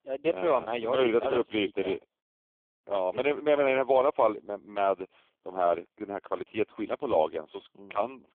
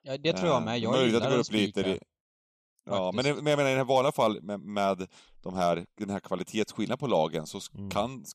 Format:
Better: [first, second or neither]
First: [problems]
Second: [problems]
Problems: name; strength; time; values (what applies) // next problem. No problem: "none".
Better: second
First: phone-call audio; poor line; nothing above 3.5 kHz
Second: none